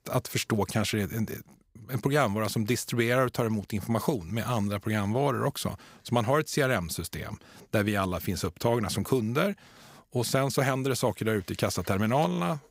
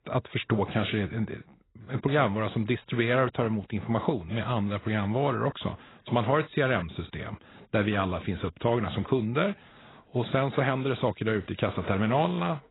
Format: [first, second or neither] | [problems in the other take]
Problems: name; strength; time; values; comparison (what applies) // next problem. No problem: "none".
first | garbled, watery; badly; nothing above 4 kHz